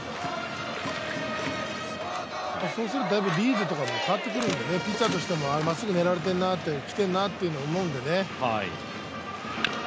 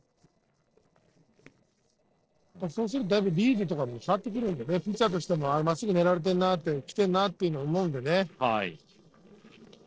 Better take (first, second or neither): first